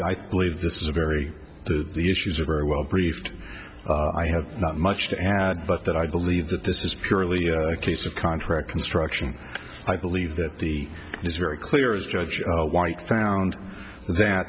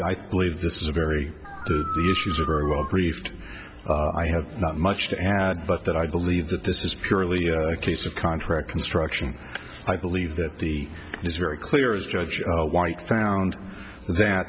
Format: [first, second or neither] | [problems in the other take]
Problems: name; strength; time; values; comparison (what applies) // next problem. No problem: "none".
first | background sound (Dog); 6 dB below the speech